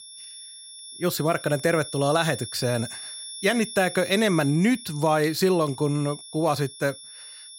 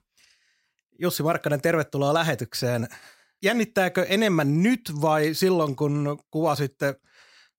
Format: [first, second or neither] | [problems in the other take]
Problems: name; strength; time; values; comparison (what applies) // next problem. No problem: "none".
second | high-pitched whine; noticeable; throughout; 10.5 kHz, 15 dB below the speech